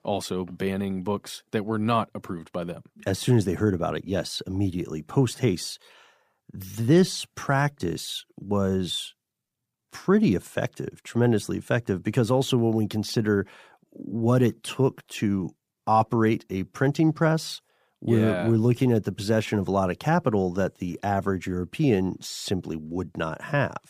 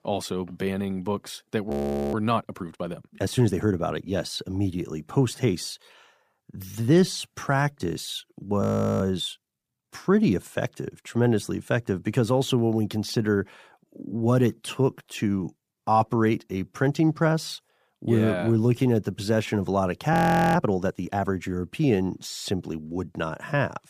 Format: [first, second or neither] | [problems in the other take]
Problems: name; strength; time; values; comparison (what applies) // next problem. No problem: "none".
first | audio freezing; at 1.5 s, at 8.5 s and at 20 s